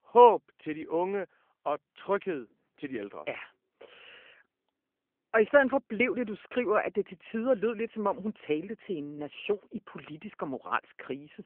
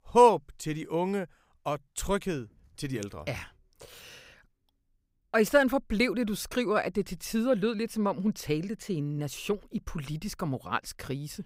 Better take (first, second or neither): second